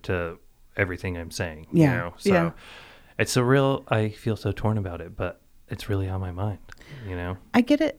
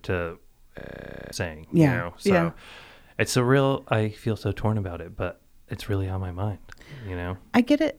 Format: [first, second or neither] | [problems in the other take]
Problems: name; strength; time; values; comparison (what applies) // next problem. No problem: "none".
first | audio freezing; at 1 s for 0.5 s